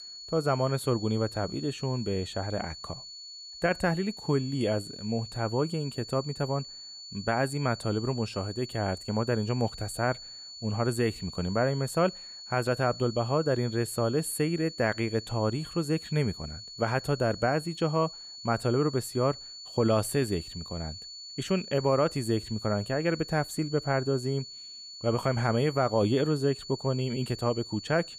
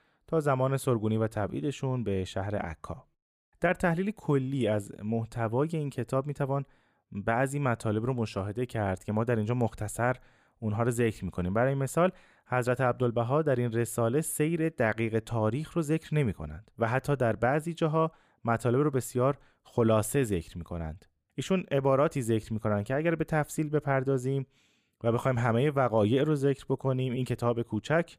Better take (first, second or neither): second